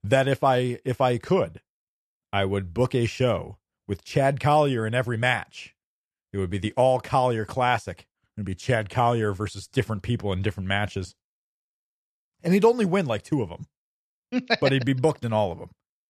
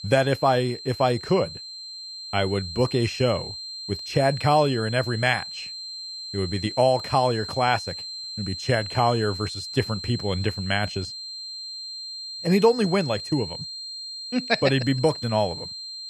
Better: first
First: none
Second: high-pitched whine; loud; throughout; 4 kHz, 9 dB below the speech

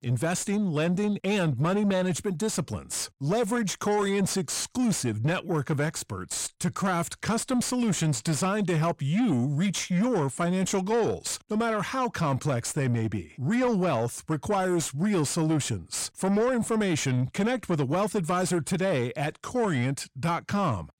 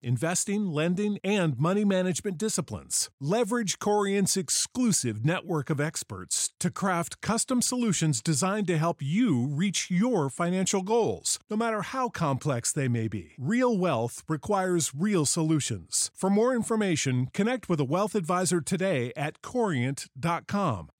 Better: second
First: distortion; slight; 10 dB below the speech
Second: none

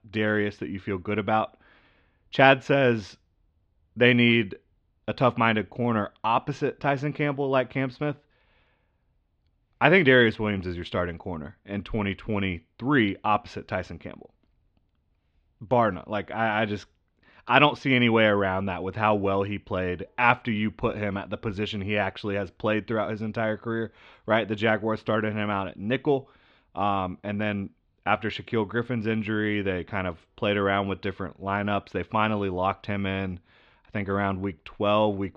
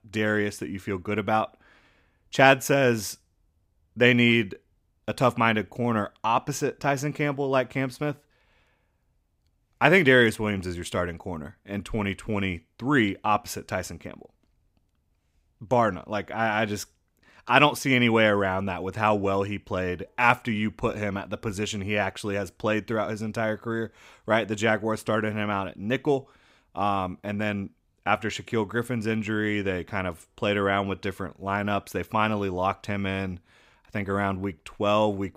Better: second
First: muffled; slightly; fading above 4 kHz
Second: none

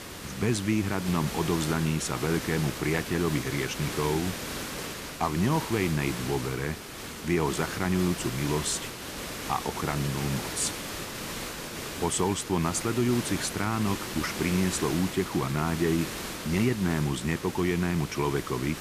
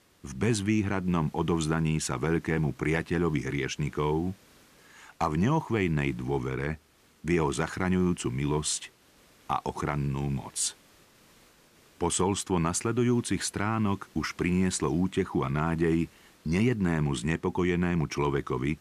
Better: second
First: hiss; loud; throughout; 7 dB below the speech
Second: hiss; faint; throughout; 30 dB below the speech

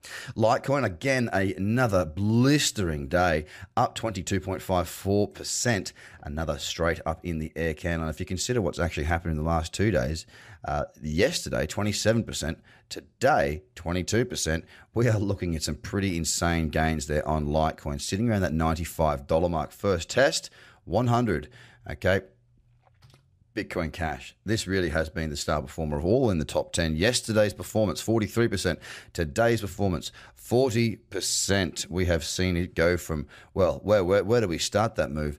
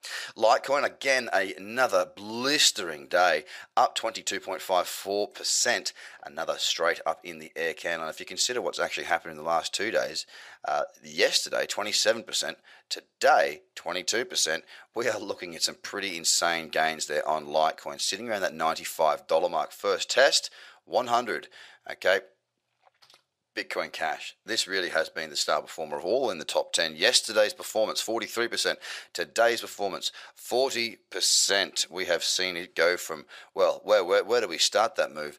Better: first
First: none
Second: thin; very; fading below 600 Hz

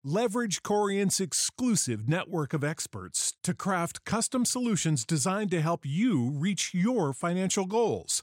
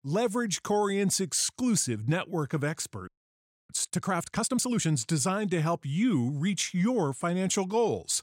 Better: first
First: none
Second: audio freezing; at 3 s for 0.5 s

